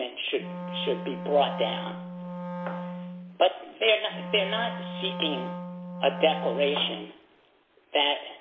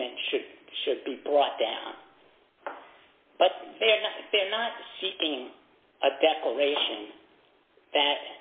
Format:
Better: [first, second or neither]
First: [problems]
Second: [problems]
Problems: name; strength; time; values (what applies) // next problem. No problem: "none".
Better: second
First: background sound (Wind instrument, woodwind instrument); 7 dB below the speech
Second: none